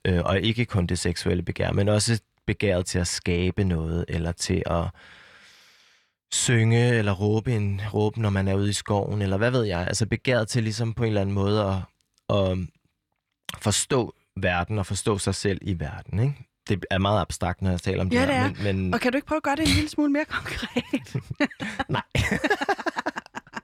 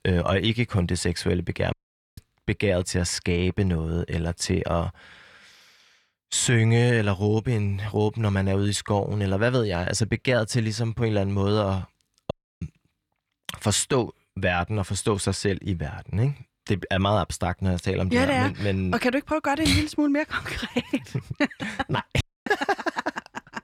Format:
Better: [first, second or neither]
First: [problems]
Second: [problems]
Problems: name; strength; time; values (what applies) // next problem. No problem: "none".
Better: first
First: none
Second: audio cutting out; at 1.5 s, at 12 s and at 22 s